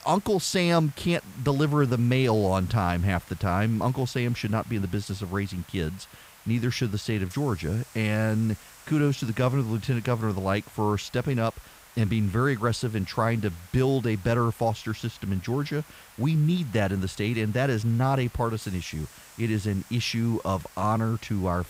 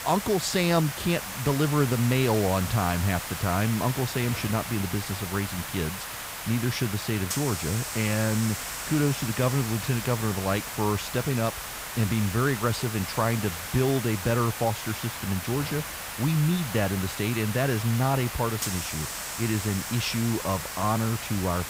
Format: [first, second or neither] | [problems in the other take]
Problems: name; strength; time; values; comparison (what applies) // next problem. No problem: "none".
first | hiss; loud; throughout; 6 dB below the speech; faint in the first